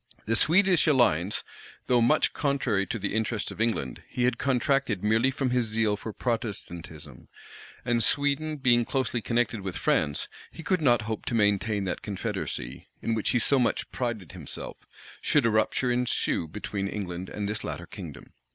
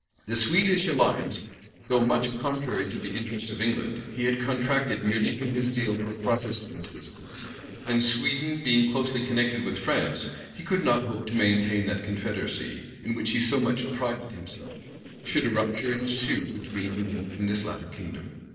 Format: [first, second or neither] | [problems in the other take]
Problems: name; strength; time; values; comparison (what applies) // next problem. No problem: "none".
first | noise reduction (neural separator model SepFormer DNS4)